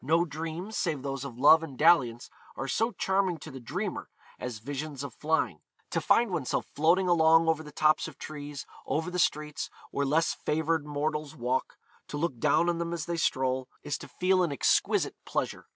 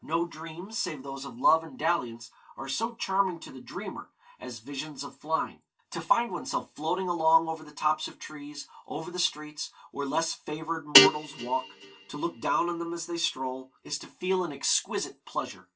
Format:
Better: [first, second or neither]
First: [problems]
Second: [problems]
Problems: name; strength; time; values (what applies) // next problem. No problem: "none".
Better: first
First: none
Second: background sound (Guitar); 2 dB above the speech // room echo; dies away in 0.2 s